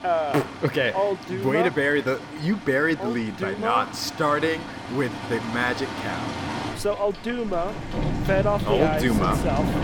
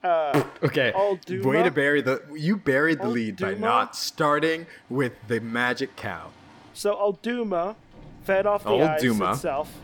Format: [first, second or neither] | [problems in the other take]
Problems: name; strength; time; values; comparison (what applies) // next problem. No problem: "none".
second | rain or running water; loud; throughout; 7 dB below the speech; faint in the second